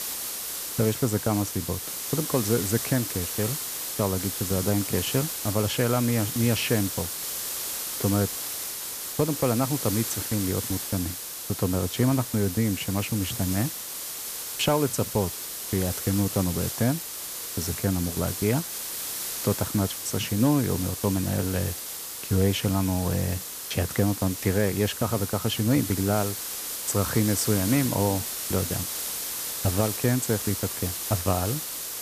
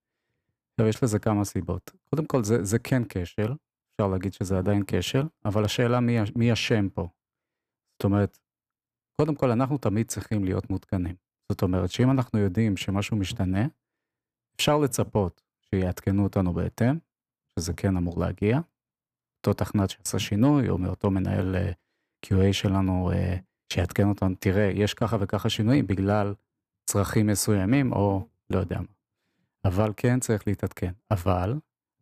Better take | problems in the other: second | hiss; loud; throughout; 4 dB below the speech

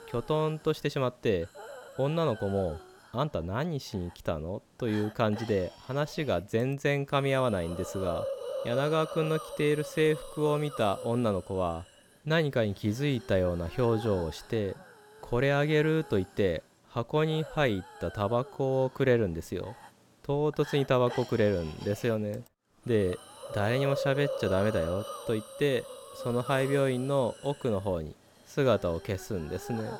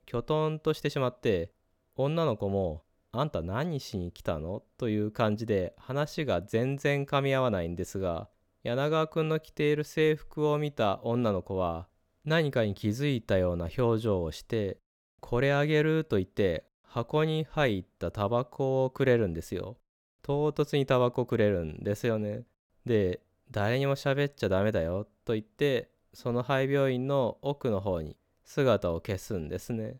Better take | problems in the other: second | hiss; noticeable; throughout; 15 dB below the speech

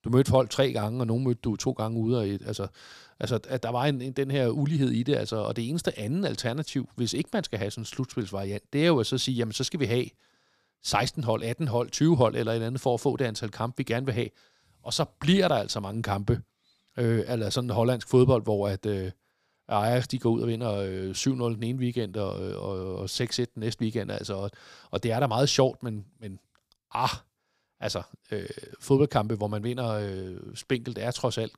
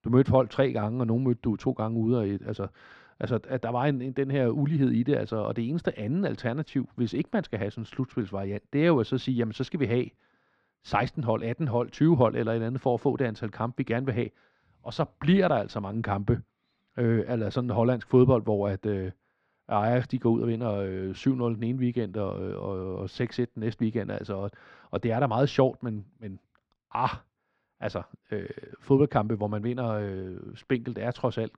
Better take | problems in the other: first | muffled; very; fading above 2 kHz

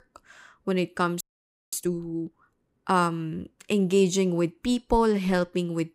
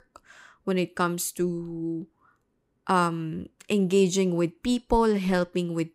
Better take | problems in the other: second | audio freezing; at 1 s for 0.5 s

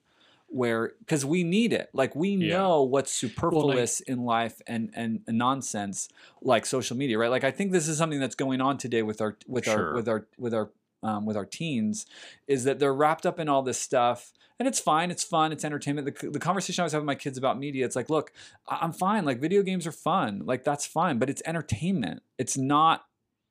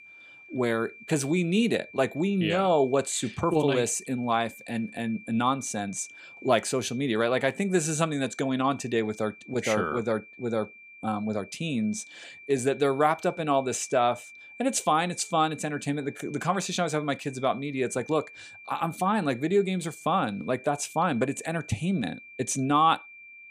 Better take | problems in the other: first | high-pitched whine; noticeable; throughout; 2.5 kHz, 20 dB below the speech

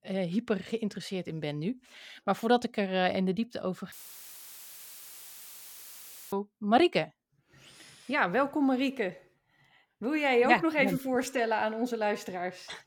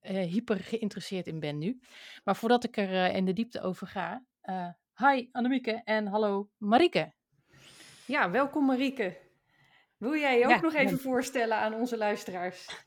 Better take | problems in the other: second | audio cutting out; filled with static; at 4 s for 2.5 s

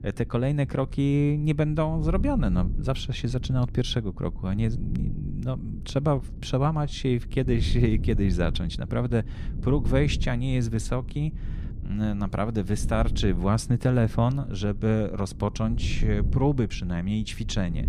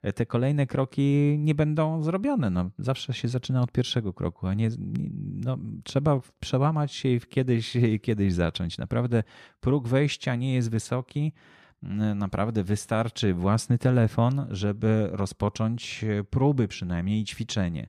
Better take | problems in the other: second | low rumble; noticeable; throughout; 15 dB below the speech

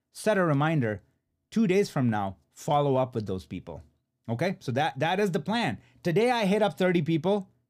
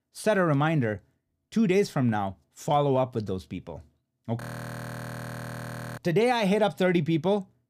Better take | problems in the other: first | audio freezing; at 4.5 s for 1.5 s

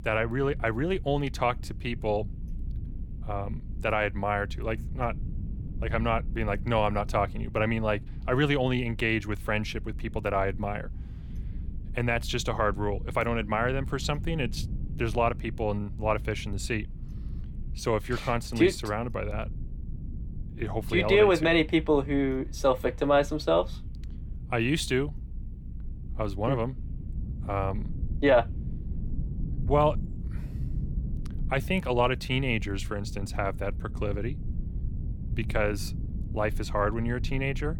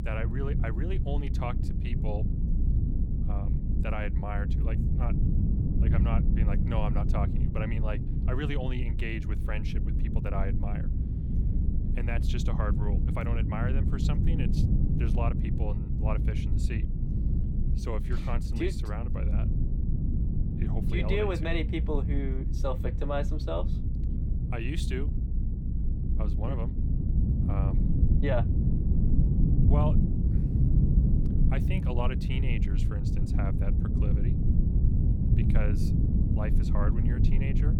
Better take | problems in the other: first | low rumble; loud; throughout; 3 dB below the speech; faint in the first

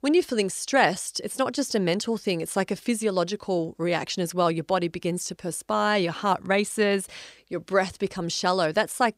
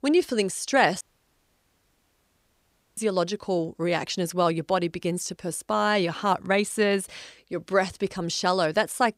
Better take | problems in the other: first | audio cutting out; at 1 s for 2 s

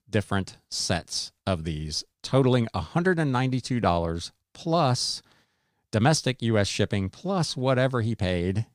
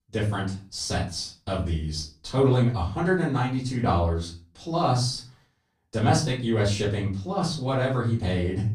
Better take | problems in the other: first | off-mic speech; far // room echo; slight; dies away in 0.4 s

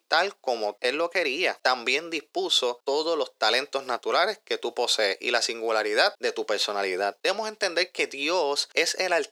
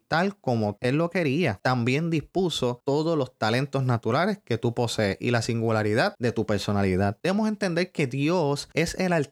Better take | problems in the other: second | thin; very; fading below 400 Hz

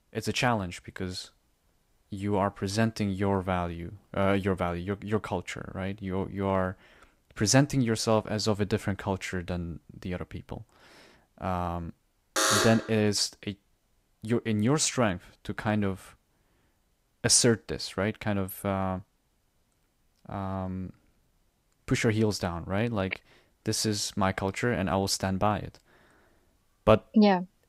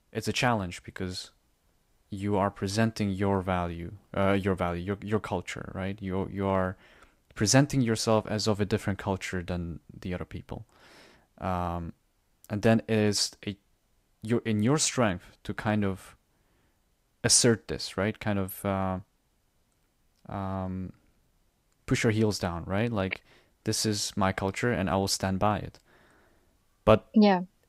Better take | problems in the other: second | alarm; loud; at 12 s; peak 5 dB above the speech

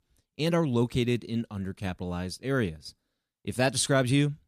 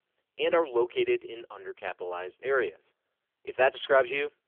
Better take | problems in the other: first | phone-call audio; poor line; nothing above 3.5 kHz

